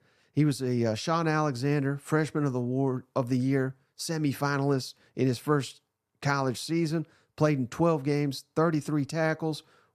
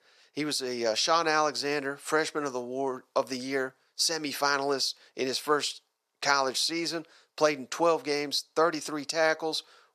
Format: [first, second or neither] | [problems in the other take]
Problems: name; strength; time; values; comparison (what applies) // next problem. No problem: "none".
first | thin; very; fading below 550 Hz